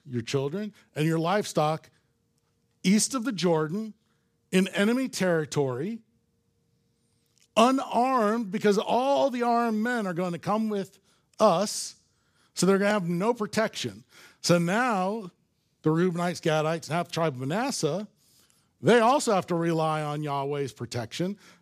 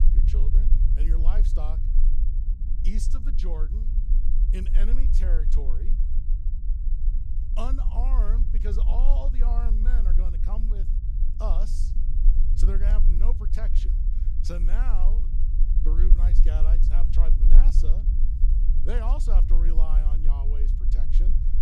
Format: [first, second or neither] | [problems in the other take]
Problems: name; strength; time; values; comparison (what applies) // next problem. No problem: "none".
first | low rumble; loud; throughout; 6 dB below the speech